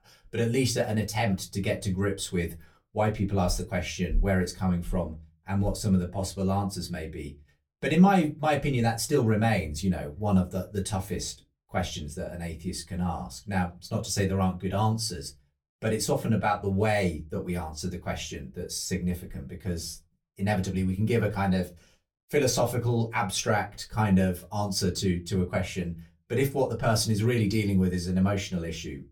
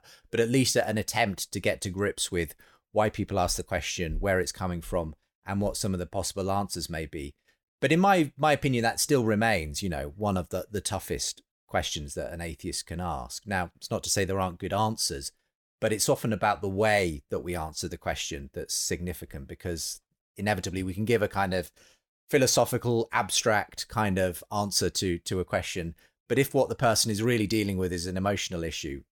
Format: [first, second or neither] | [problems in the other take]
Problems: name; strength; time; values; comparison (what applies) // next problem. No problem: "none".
second | off-mic speech; far // room echo; very slight; dies away in 0.2 s